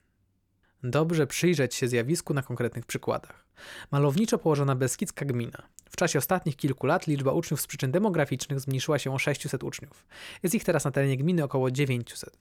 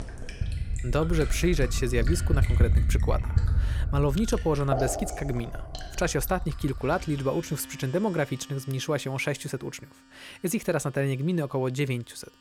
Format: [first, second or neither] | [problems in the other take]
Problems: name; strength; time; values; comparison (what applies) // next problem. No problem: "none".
first | household noises; loud; throughout; 1 dB below the speech